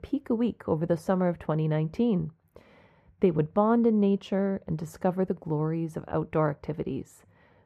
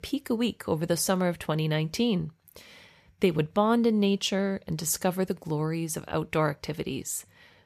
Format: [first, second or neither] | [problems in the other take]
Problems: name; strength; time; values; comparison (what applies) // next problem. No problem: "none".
second | muffled; very; fading above 2.5 kHz